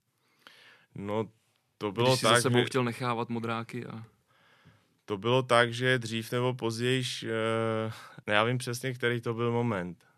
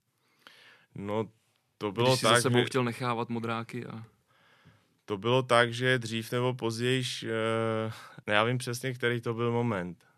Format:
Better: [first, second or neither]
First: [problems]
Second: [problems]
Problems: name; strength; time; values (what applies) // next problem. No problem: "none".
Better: neither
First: none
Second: none